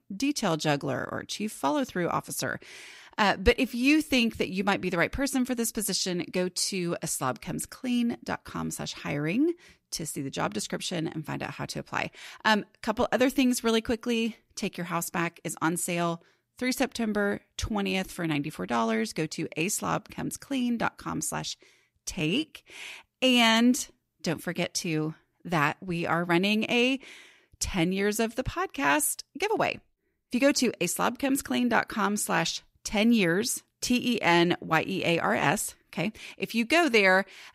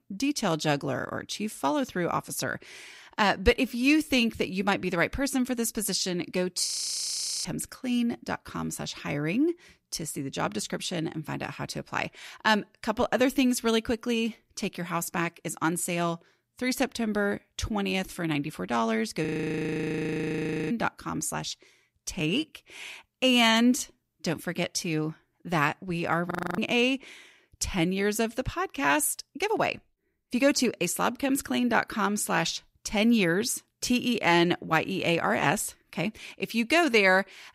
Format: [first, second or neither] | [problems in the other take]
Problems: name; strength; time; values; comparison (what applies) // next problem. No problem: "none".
first | audio freezing; at 6.5 s for 1 s, at 19 s for 1.5 s and at 26 s